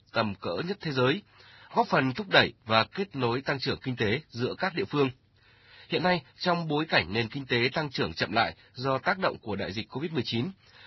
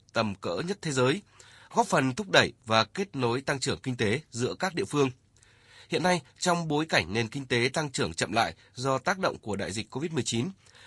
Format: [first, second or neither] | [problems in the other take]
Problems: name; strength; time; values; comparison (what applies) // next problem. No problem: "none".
second | garbled, watery; badly; nothing above 5.5 kHz; slightly in the second